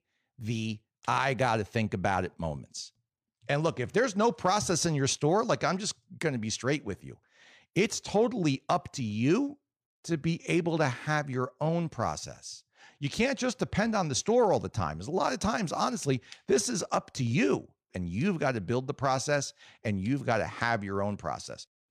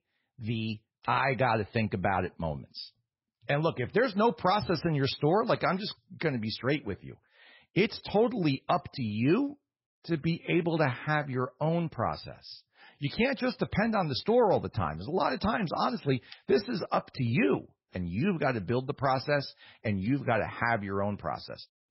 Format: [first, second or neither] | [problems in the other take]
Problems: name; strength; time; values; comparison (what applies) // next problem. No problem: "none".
first | garbled, watery; badly; nothing above 5.5 kHz